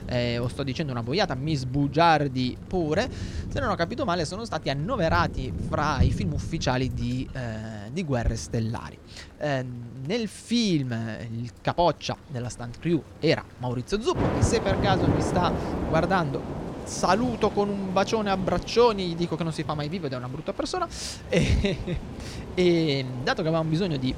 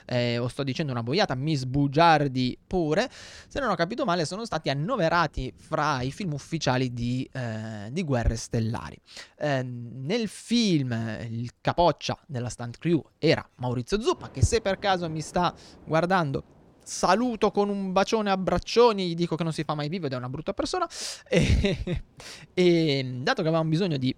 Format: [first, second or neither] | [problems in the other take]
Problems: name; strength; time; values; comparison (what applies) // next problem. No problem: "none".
second | rain or running water; loud; throughout; 7 dB below the speech; faint in the second